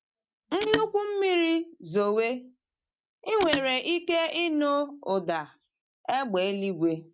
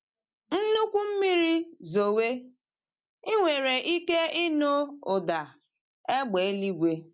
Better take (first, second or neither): second